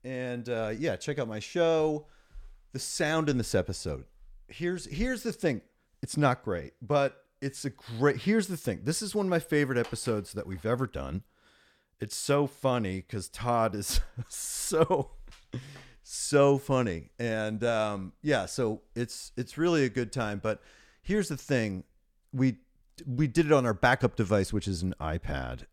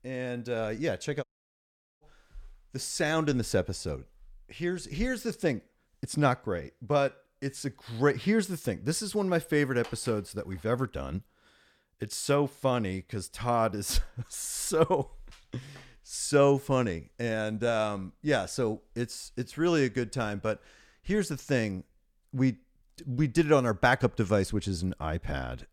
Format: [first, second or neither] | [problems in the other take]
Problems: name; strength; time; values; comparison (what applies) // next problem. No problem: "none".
first | audio cutting out; at 1 s for 1 s